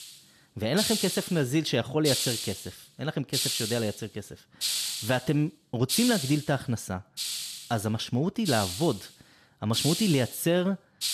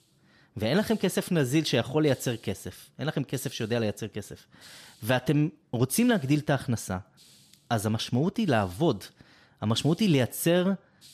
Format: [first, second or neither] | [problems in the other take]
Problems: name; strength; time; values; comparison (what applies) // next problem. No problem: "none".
second | hiss; loud; throughout; 3 dB below the speech; faint in the second